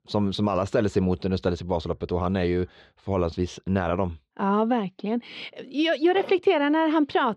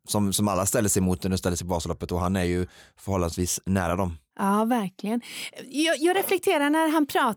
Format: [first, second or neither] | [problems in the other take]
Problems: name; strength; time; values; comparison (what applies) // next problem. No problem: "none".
second | muffled; slightly; fading above 4 kHz